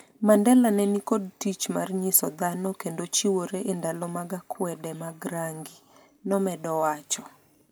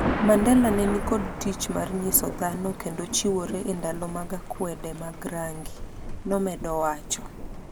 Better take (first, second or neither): first